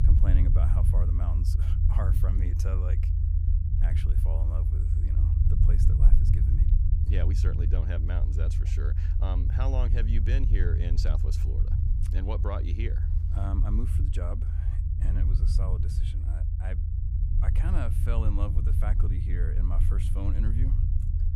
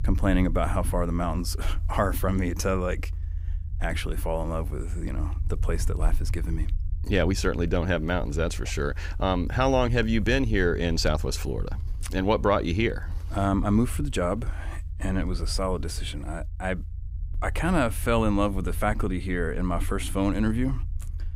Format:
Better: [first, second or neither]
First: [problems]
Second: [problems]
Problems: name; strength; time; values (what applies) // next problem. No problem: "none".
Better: second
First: low rumble; loud; throughout; 2 dB below the speech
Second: low rumble; faint; throughout; 25 dB below the speech